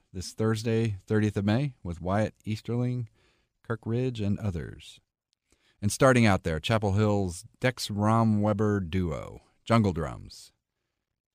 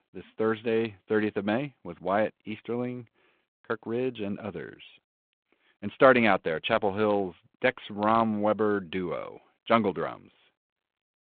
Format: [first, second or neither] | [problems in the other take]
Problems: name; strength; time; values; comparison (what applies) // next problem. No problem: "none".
first | phone-call audio; nothing above 3.5 kHz